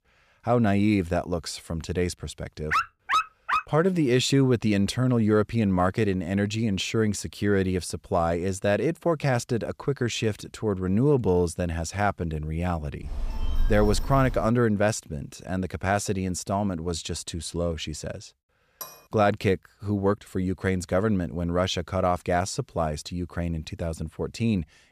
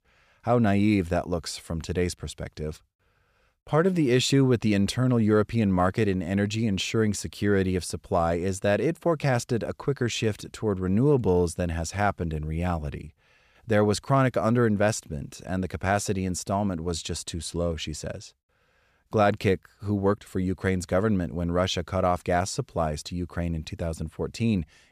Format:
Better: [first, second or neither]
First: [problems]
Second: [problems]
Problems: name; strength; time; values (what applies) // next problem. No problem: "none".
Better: second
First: dog barking; loud; at 2.5 s; peak level with the speech // phone ringing; noticeable; from 13 to 14 s; peak 5 dB below the speech // clattering dishes; faint; at 19 s; peak 15 dB below the speech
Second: none